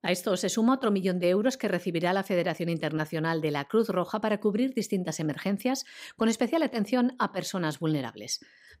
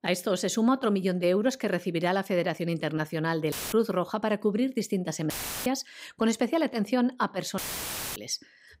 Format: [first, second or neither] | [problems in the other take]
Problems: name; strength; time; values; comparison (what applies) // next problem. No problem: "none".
first | audio cutting out; filled with static; at 3.5 s, at 5.5 s and at 7.5 s for 0.5 s